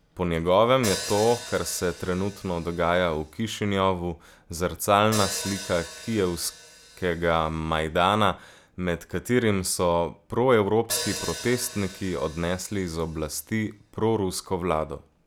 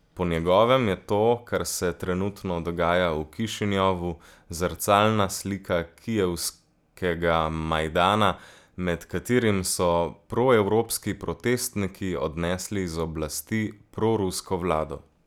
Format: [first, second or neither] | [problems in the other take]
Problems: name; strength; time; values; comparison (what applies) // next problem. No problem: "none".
second | background sound (Hi-hat); 13 dB below the speech